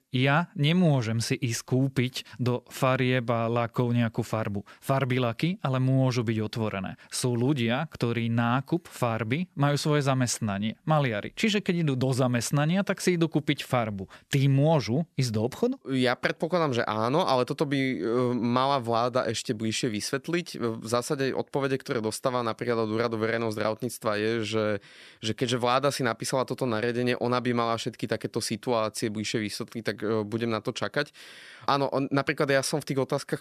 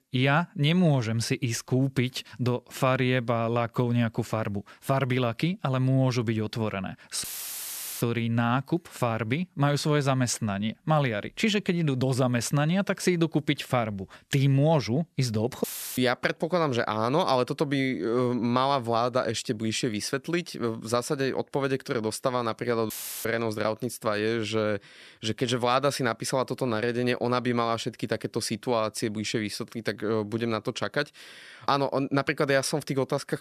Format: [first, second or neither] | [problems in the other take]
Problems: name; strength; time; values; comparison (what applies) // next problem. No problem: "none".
first | audio cutting out; filled with static; at 7 s for 1 s, at 16 s and at 23 s